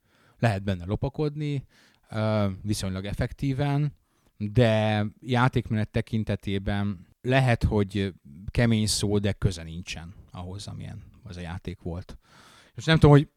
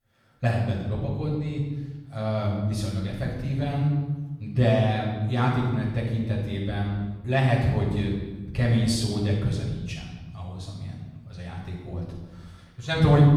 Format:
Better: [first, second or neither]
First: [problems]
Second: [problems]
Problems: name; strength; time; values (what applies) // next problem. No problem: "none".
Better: first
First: none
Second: off-mic speech; far // room echo; noticeable; dies away in 1.2 s